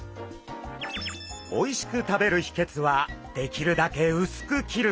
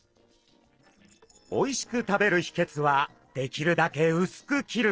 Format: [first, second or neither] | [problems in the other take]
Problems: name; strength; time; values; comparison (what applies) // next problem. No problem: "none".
first | noise reduction (neural separator model SepFormer DNS4)